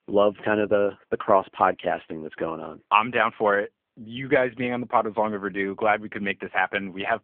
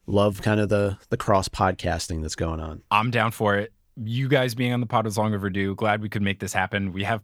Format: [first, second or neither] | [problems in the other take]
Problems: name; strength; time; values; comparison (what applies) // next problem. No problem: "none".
second | phone-call audio; poor line